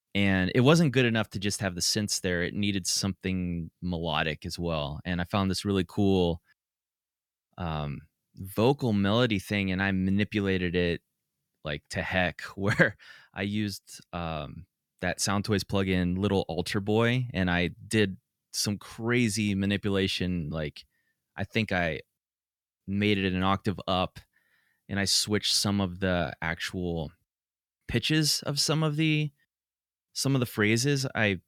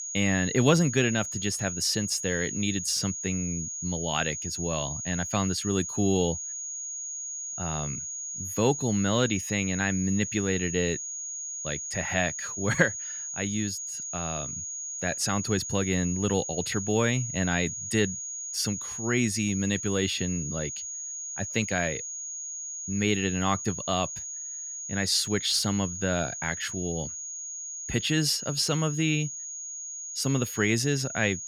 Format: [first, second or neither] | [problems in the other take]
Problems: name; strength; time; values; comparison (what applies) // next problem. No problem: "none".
first | high-pitched whine; loud; throughout; 6.5 kHz, 5 dB below the speech